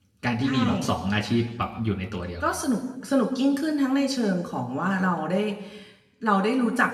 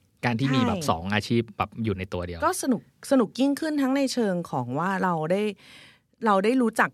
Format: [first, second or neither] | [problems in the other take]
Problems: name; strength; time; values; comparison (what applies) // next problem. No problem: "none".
second | room echo; slight; dies away in 0.9 s // off-mic speech; somewhat distant